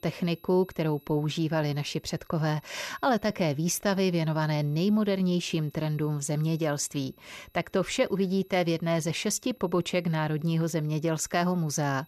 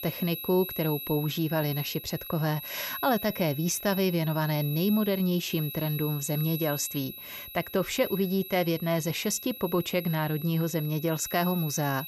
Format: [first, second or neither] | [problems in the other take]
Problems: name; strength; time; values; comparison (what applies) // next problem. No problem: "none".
first | high-pitched whine; loud; throughout; 11.5 kHz, 9 dB below the speech; faint in the first